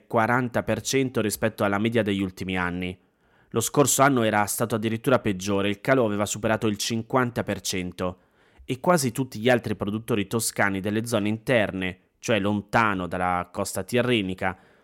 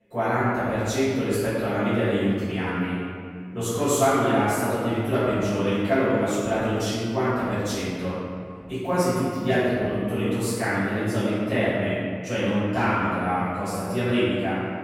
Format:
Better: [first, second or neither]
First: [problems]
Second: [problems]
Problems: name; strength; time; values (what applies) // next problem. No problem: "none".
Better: first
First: none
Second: off-mic speech; far // room echo; strong; dies away in 2.1 s